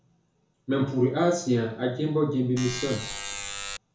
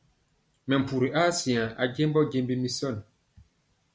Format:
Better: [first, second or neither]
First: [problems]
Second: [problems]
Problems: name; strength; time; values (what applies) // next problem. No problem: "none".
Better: second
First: background sound (Alarm); 8 dB below the speech // room echo; dies away in 0.6 s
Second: none